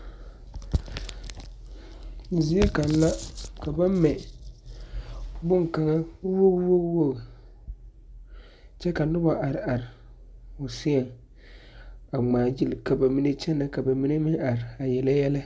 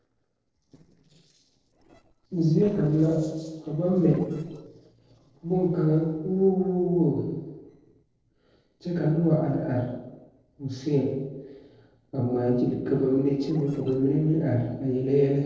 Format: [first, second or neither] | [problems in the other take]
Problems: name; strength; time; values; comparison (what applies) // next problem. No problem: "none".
first | noise reduction (neural separator model SepFormer DNS4)